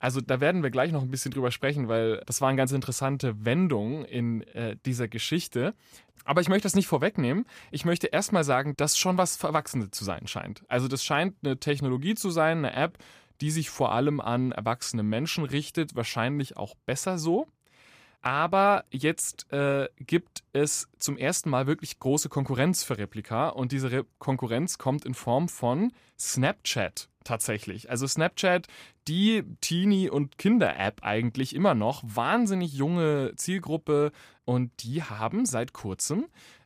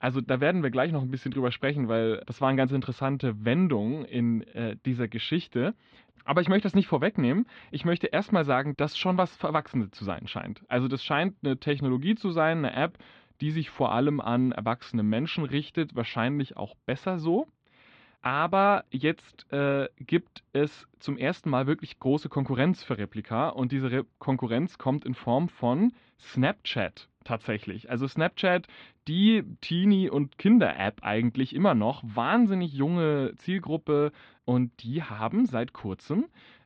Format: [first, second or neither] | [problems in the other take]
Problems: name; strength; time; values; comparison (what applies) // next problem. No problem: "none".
first | muffled; very; fading above 4 kHz